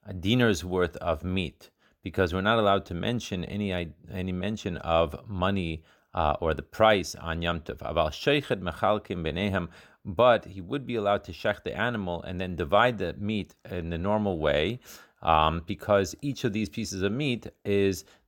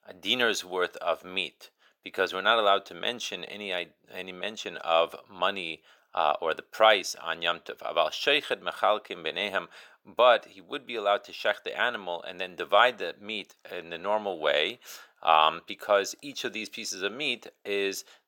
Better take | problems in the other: first | thin; very; fading below 550 Hz

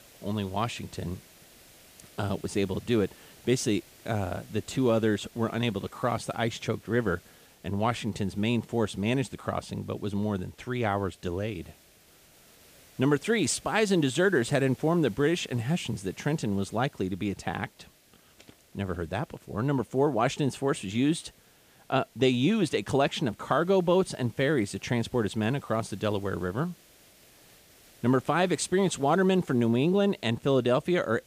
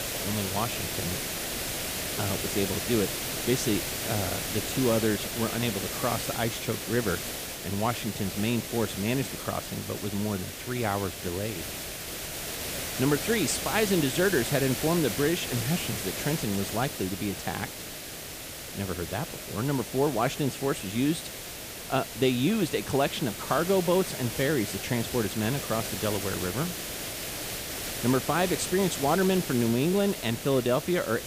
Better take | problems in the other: first | hiss; loud; throughout; 4 dB below the speech; faint in the first

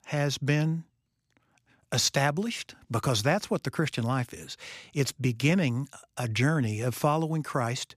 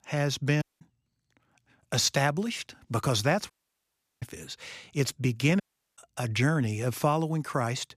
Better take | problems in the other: first | audio cutting out; at 0.5 s, at 3.5 s for 0.5 s and at 5.5 s

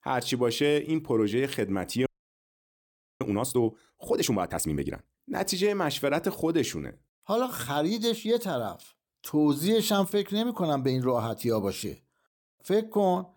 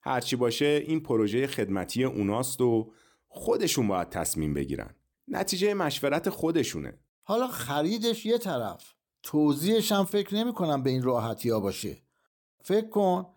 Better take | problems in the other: second | audio freezing; at 2 s for 1 s

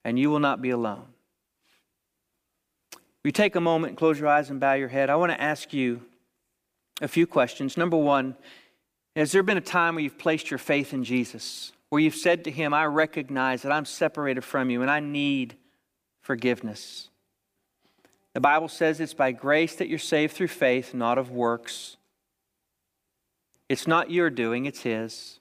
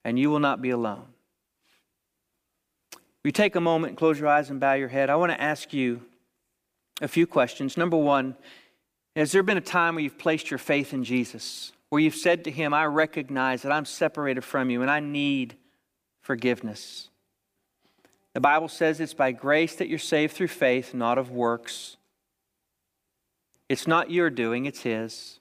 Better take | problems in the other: neither | none

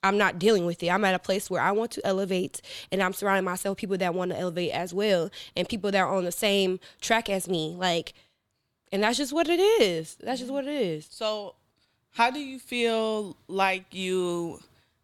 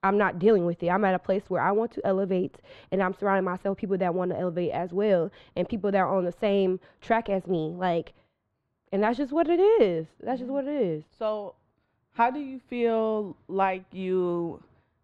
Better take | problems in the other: first | muffled; very; fading above 4 kHz

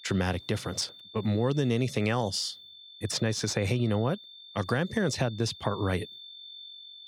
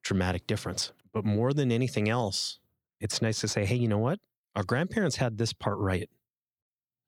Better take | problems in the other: second | high-pitched whine; noticeable; throughout; 3.5 kHz, 15 dB below the speech

